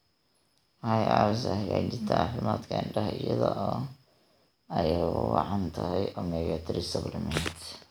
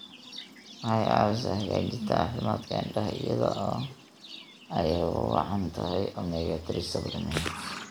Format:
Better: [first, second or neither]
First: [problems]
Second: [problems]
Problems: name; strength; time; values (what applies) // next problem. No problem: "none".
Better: first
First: none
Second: background sound (Livestock, farm animals, working animals); 16 dB below the speech